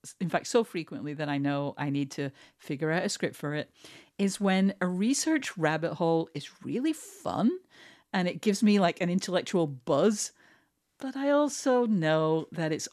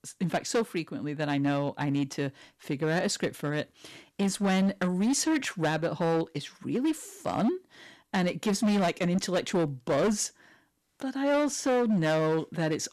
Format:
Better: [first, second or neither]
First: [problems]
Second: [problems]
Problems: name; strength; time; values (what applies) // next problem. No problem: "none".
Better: first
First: none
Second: distortion; slight; 11% of the sound clipped